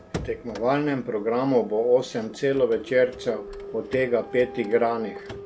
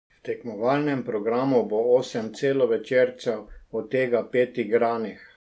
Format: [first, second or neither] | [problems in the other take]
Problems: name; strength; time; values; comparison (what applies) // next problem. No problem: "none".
second | background sound (Printer); 15 dB below the speech